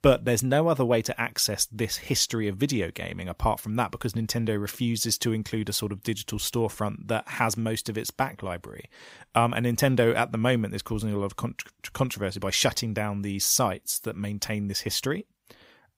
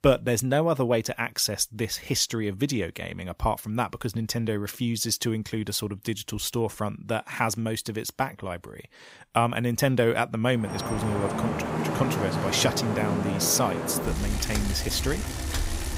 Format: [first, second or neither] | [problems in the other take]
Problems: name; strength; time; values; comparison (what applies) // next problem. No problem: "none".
first | traffic noise; loud; from 11 s on; 3 dB below the speech